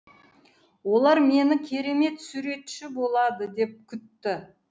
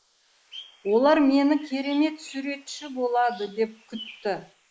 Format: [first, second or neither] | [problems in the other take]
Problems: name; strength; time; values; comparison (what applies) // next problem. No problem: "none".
first | noise reduction (neural mask model Resemble Enhance denoiser)